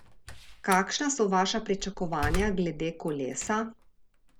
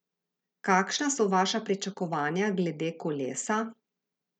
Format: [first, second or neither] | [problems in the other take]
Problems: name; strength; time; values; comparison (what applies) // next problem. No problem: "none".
second | background sound (Slam); 9 dB below the speech